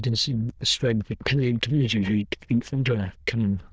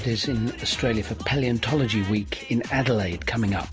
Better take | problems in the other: second | noise reduction (neural diffusion model UNIVERSE++)

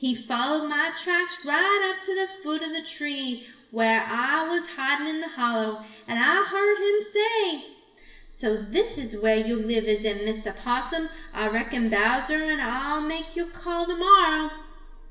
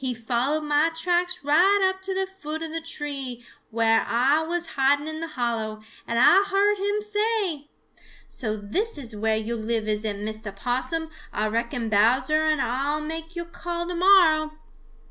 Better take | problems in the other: second | room echo; dies away in 1.6 s

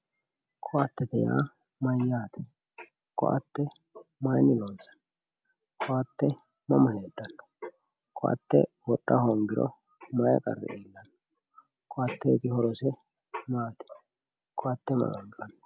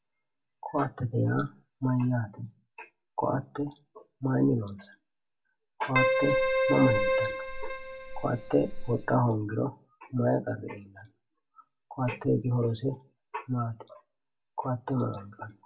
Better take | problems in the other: first | background sound (Keyboard (musical)); 3 dB above the speech // room echo; dies away in 0.2 s

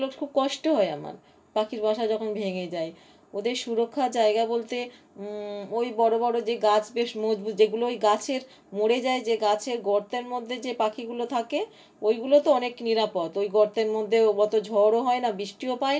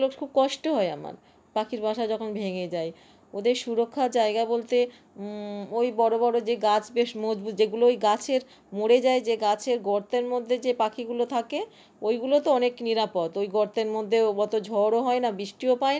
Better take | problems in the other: second | room echo; dies away in 0.2 s

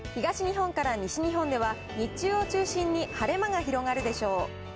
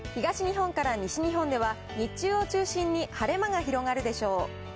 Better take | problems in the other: second | background sound (Train); 13 dB below the speech

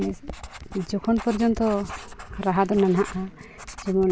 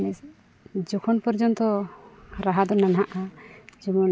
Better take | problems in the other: second | background sound (Writing); 15 dB below the speech

